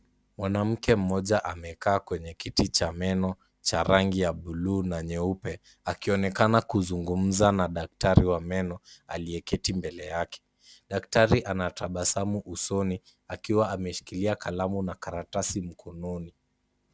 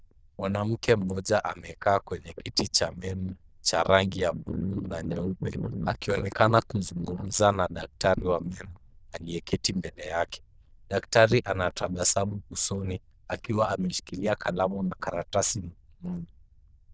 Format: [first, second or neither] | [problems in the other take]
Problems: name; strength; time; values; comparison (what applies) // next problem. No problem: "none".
first | noise reduction (neural diffusion model UNIVERSE++)